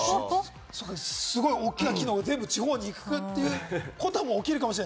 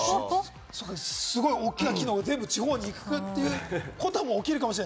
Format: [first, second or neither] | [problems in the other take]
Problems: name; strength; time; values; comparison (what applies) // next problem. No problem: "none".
first | background sound (Walk, footsteps); 17 dB below the speech